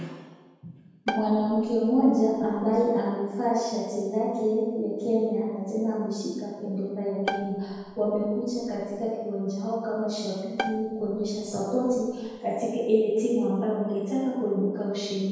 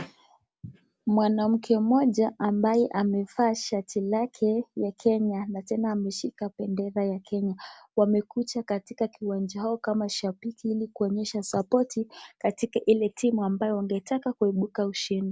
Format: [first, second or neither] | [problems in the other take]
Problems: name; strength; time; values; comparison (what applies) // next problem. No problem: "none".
second | background sound (Bowed string instrument); 11 dB below the speech // room echo; dies away in 1.2 s